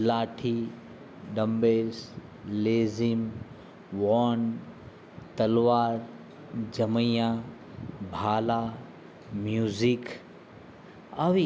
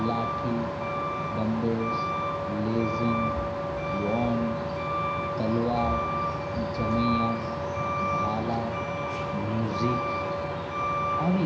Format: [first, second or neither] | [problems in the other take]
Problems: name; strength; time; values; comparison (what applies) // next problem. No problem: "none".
first | background sound (Truck); 1 dB above the speech // room echo; dies away in 0.9 s